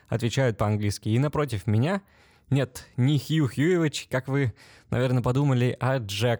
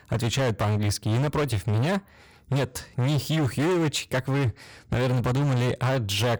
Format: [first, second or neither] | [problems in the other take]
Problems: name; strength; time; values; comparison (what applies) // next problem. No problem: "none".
first | distortion; heavy; 27% of the sound clipped